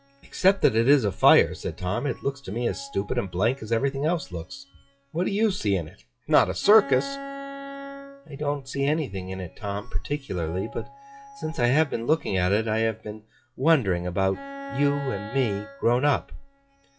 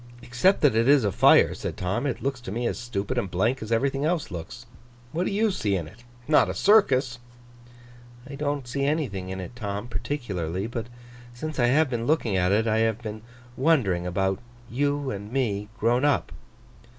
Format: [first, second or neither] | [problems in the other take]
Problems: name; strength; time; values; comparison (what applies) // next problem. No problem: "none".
second | noise reduction (classical method log-MMSE)